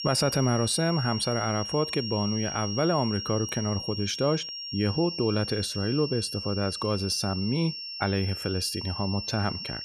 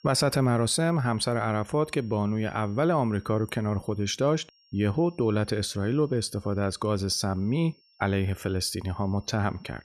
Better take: second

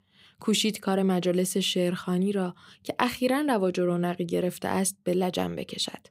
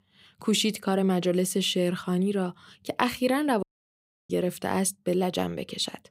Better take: first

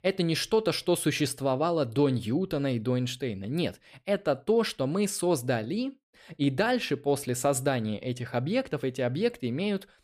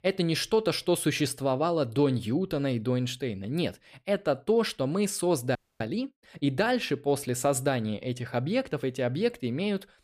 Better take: first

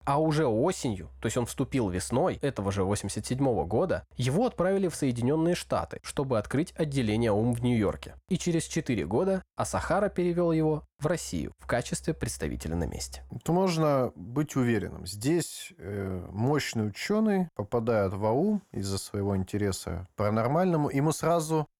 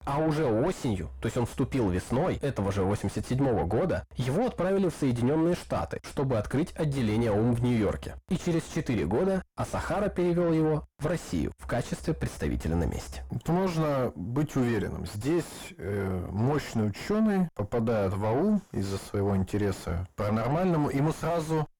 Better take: first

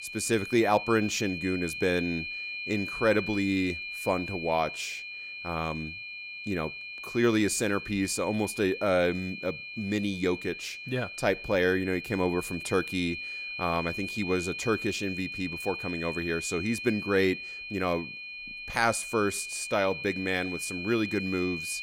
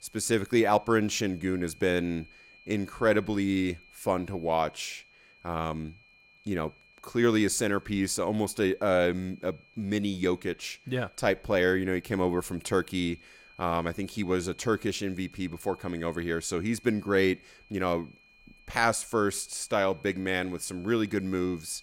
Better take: second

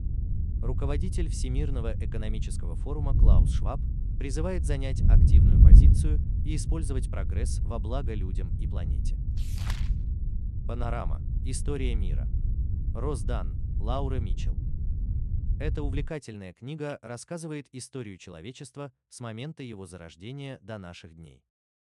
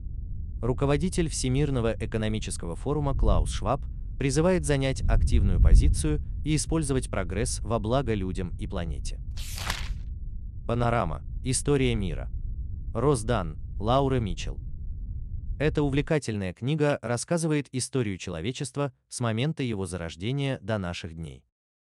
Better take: second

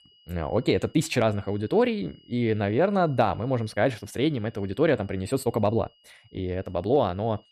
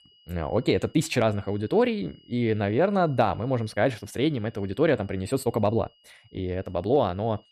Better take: neither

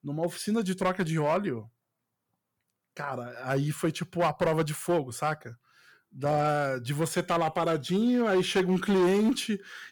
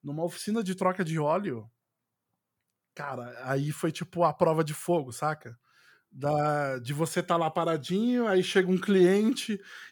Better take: second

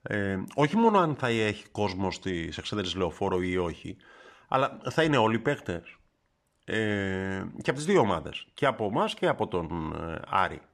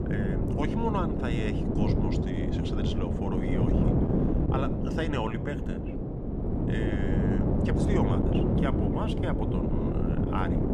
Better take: first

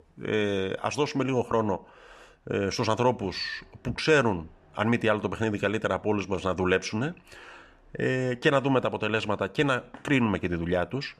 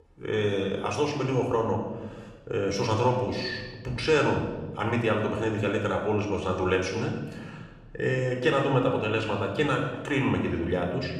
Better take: first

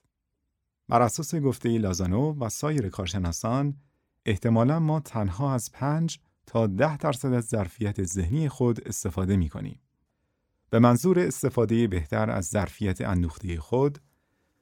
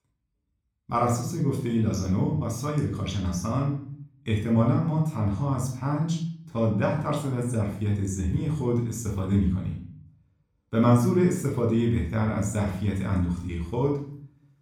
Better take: first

